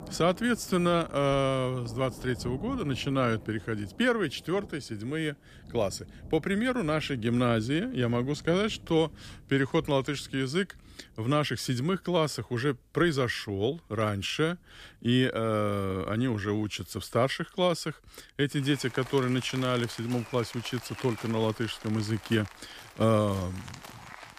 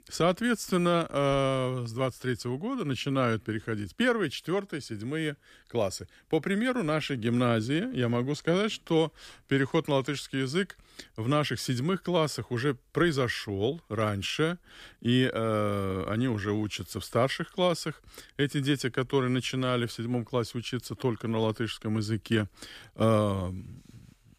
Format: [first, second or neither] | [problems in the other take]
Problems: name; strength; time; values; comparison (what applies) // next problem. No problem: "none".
second | rain or running water; noticeable; throughout; 20 dB below the speech